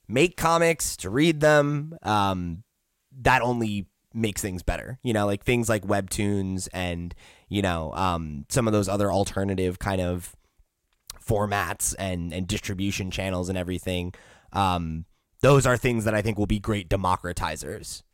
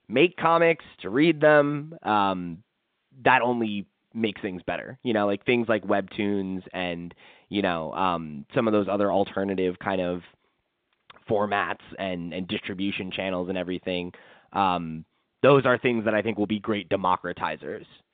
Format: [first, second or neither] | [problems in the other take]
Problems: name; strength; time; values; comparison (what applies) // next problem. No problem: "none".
first | phone-call audio; nothing above 4 kHz